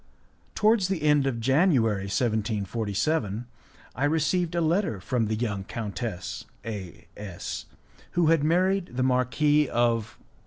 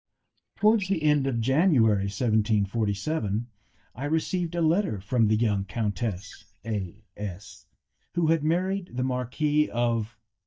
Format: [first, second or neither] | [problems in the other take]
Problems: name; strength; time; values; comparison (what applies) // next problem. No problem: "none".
first | noise reduction (neural mask model DeepFilterNet 3)